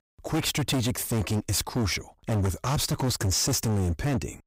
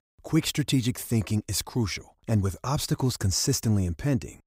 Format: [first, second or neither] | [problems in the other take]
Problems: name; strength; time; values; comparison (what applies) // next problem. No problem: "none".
second | distortion; heavy; 25% of the sound clipped